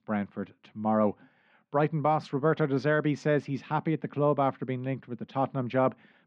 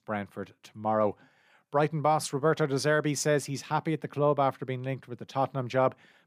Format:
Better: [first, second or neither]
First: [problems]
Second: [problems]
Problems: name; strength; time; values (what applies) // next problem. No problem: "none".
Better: second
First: muffled; slightly; fading above 3.5 kHz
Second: none